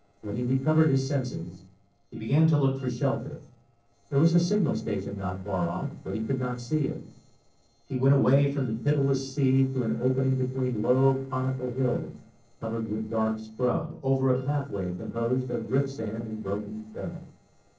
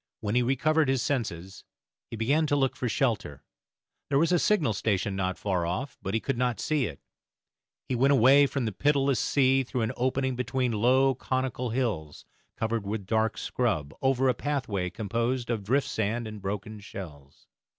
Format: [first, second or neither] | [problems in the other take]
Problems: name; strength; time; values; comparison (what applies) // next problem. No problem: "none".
second | noise reduction (neural separator model SepFormer DNS4)